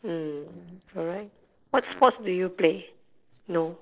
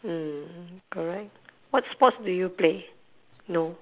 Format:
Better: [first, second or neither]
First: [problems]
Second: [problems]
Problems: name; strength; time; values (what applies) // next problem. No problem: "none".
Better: second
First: noise reduction (neural separator model SepFormer DNS4)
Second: none